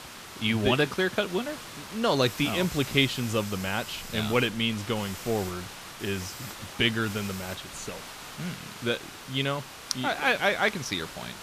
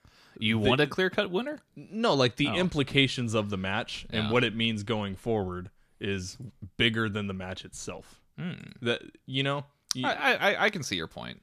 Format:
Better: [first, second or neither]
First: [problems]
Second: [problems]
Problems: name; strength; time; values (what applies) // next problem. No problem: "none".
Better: second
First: hiss; noticeable; throughout; 10 dB below the speech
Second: none